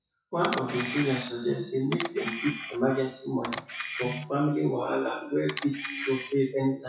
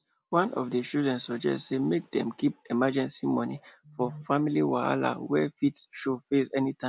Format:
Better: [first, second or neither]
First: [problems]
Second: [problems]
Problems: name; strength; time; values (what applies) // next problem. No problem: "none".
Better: second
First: noise reduction (classical method WPE with log-MMSE)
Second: none